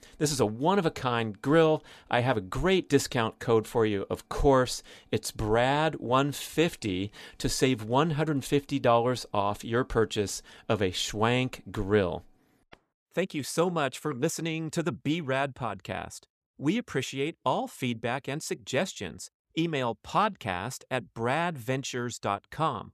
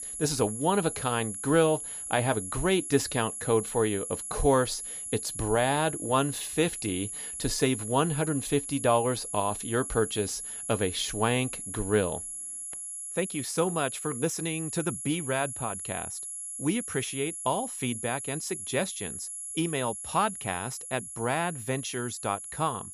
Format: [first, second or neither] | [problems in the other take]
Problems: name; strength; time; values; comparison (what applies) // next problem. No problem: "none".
first | high-pitched whine; loud; throughout; 11 kHz, 6 dB below the speech